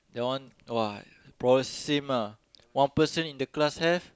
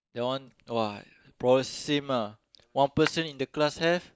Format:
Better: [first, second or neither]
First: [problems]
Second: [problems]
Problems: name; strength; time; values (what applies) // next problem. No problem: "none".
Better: first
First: none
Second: noise reduction (neural mask model DeepFilterNet 3)